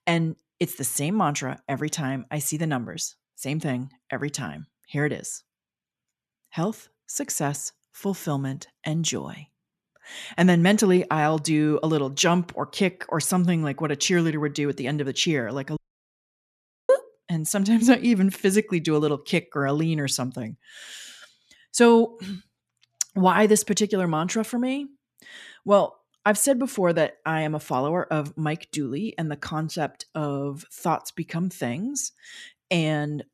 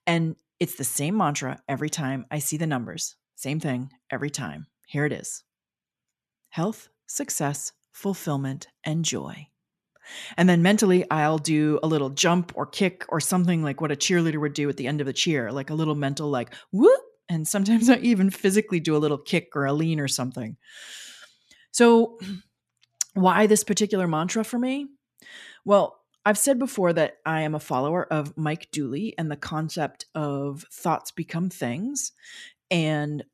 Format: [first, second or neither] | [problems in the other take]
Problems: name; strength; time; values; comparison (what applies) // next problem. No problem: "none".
second | audio cutting out; at 16 s for 1 s